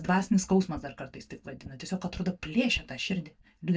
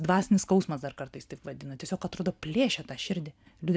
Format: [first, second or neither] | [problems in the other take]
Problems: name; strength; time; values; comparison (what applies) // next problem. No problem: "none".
second | noise reduction (neural mask model DeepFilterNet 3)